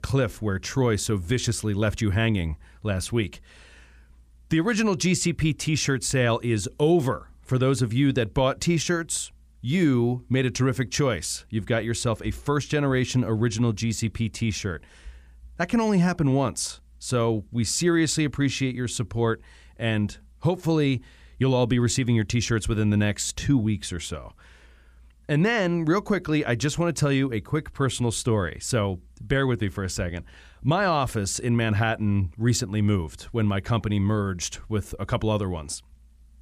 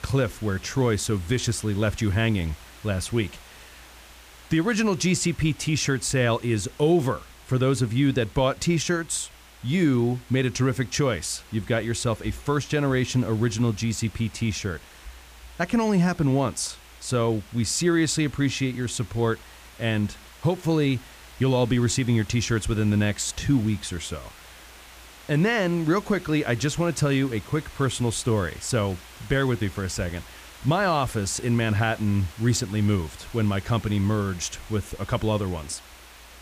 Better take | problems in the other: first | hiss; faint; throughout; 20 dB below the speech

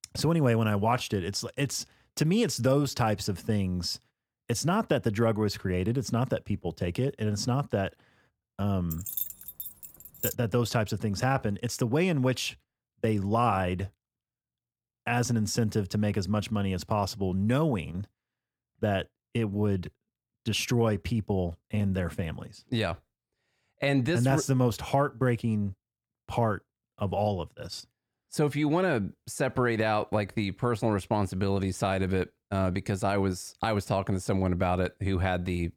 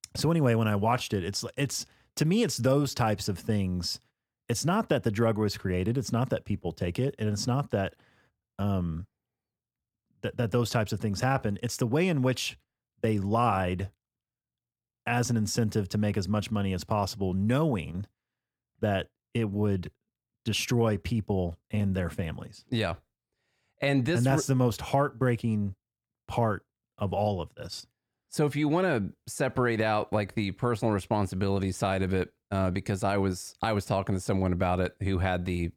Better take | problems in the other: second | jangling keys; noticeable; from 9 to 10 s; peak 3 dB below the speech

